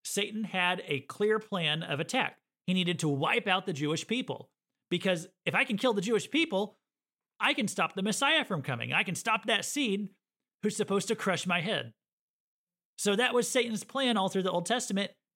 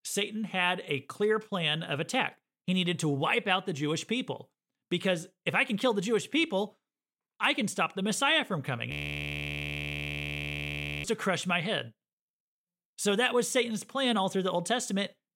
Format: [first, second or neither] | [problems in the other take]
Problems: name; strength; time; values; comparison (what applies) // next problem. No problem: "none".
first | audio freezing; at 9 s for 2 s